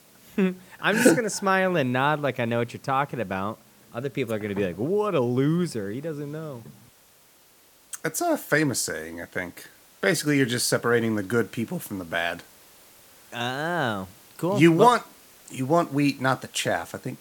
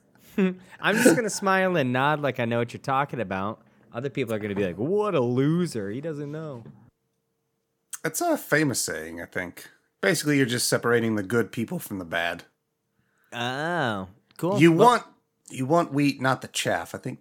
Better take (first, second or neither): second